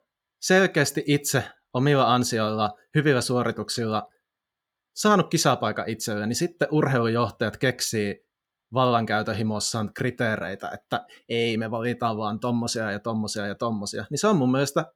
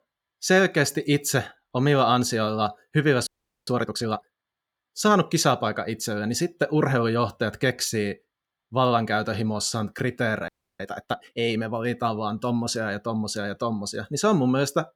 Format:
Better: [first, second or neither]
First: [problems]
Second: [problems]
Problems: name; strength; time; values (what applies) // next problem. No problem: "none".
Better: first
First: none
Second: audio freezing; at 3.5 s and at 10 s